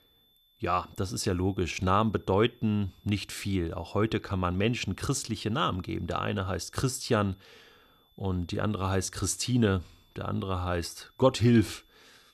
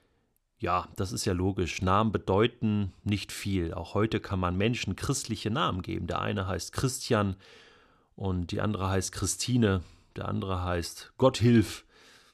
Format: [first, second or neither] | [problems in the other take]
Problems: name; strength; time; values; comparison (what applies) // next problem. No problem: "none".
second | high-pitched whine; faint; throughout; 3.5 kHz, 35 dB below the speech